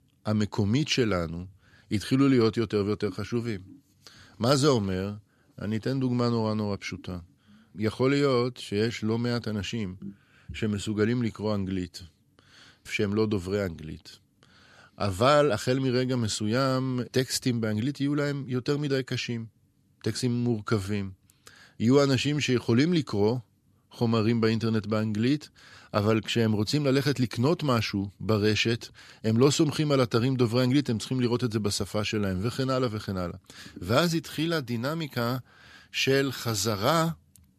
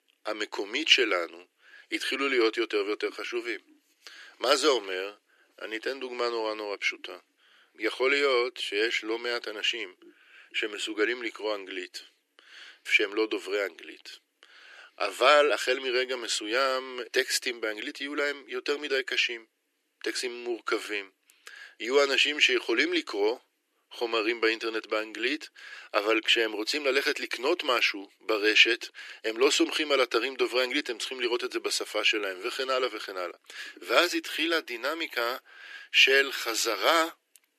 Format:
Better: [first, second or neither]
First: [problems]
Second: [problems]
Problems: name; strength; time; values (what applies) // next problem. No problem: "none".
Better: first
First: none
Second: thin; very; fading below 350 Hz